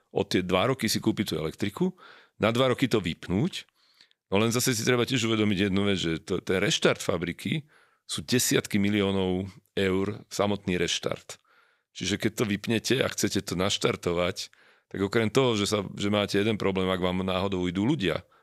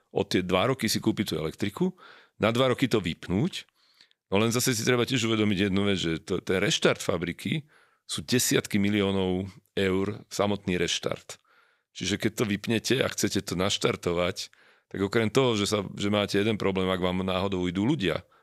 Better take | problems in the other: neither | none

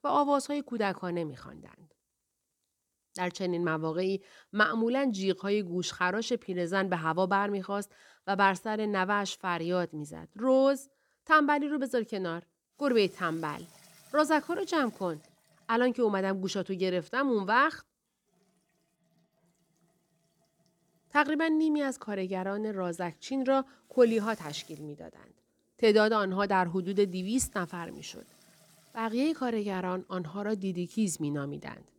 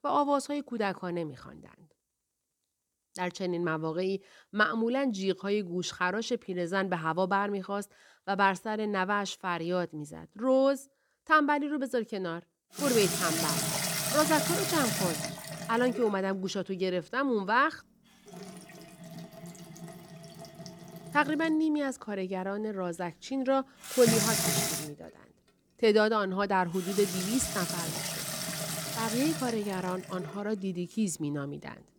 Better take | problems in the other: first | household noises; loud; from 13 s on; 2 dB below the speech; faint in the first

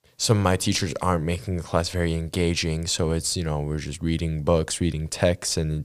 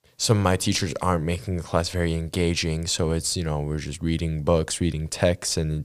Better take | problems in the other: neither | none

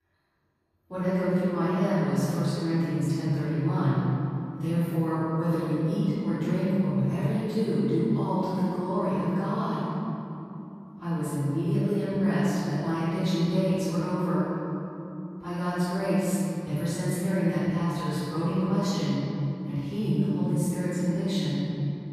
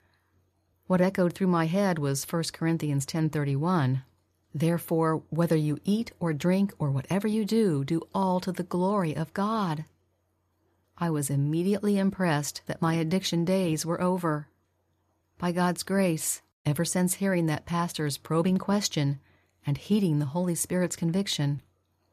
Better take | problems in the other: second | off-mic speech; far // room echo; strong; dies away in 3 s

